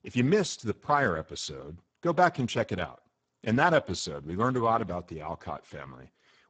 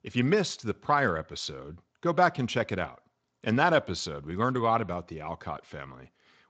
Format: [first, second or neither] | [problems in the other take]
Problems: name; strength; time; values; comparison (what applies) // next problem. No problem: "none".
second | garbled, watery; badly; nothing above 7.5 kHz; slightly in the second